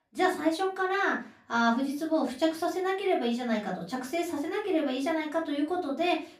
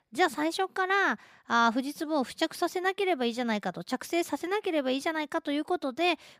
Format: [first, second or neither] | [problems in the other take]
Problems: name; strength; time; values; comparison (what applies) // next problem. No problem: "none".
second | off-mic speech; far // room echo; slight; dies away in 0.3 s